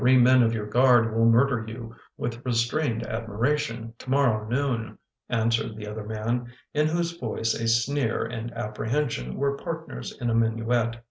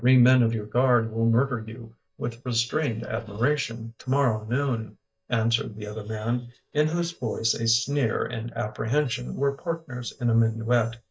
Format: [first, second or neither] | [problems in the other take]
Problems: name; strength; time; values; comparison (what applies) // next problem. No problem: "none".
first | noise reduction (neural mask model DeepFilterNet 3)